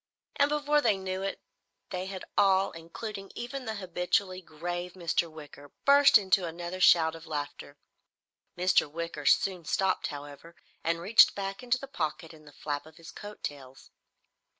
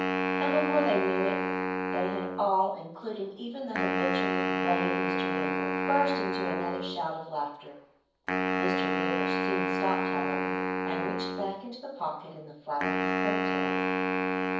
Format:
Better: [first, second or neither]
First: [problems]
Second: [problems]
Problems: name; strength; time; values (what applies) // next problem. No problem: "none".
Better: first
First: none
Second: background sound (Wind instrument, woodwind instrument); 3 dB above the speech // room echo; dies away in 0.9 s